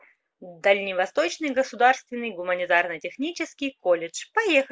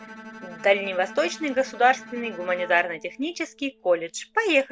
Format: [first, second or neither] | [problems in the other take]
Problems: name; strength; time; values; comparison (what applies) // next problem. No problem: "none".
first | background sound (Bowed string instrument); 18 dB below the speech